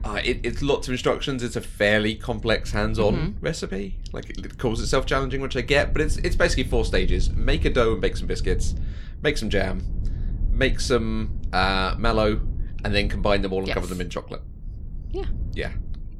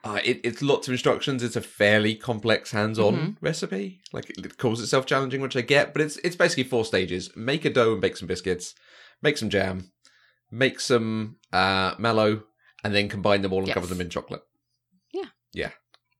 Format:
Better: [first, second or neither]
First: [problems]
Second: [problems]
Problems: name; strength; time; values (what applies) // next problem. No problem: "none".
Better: second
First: low rumble; faint; throughout; 25 dB below the speech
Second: none